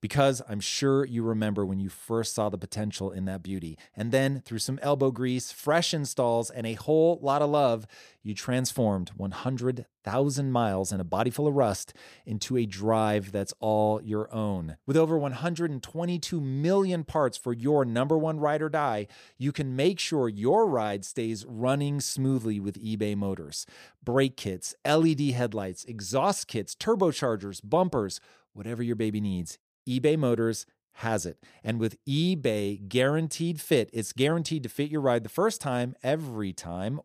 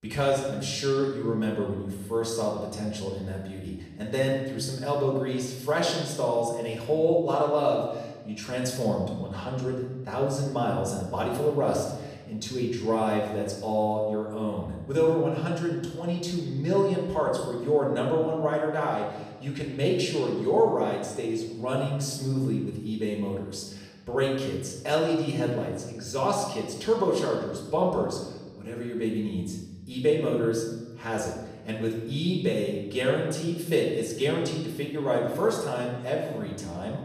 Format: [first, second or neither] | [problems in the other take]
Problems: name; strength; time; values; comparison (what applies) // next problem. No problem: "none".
first | room echo; noticeable; dies away in 1 s // off-mic speech; far